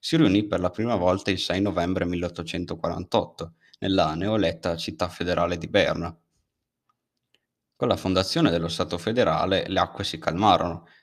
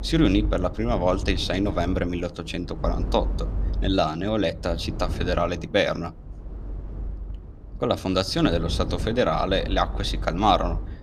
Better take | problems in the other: first | wind noise on the microphone; occasional gusts; 20 dB below the speech

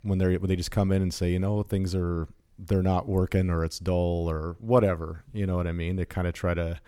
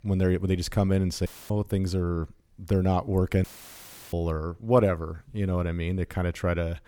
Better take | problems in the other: first | audio cutting out; filled with static; at 1.5 s and at 3.5 s for 0.5 s

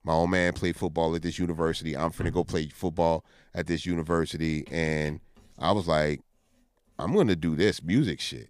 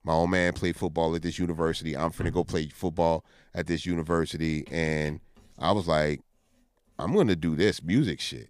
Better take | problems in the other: neither | household noises; noticeable; throughout; 15 dB below the speech; the same in both

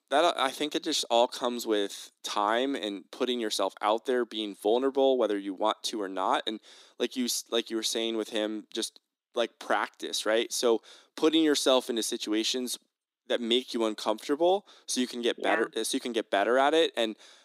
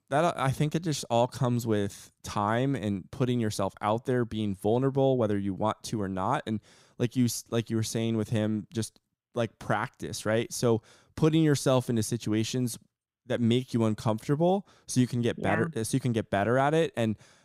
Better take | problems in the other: second | thin; somewhat; fading below 300 Hz

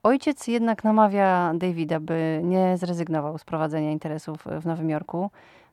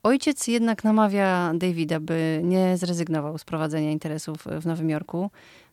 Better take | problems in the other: second | muffled; slightly; fading above 3.5 kHz

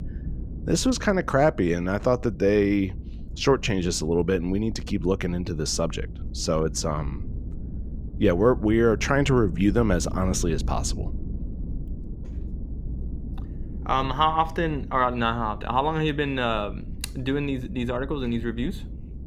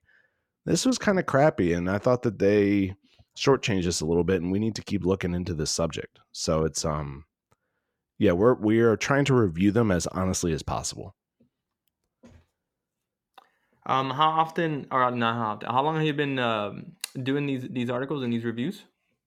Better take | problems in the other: second | low rumble; faint; throughout; 20 dB below the speech

